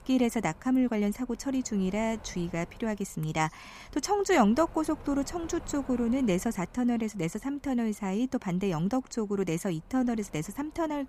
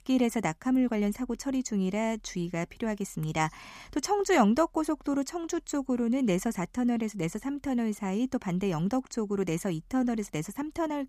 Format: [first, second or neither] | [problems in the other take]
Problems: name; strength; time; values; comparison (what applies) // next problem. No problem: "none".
second | wind noise on the microphone; occasional gusts; 20 dB below the speech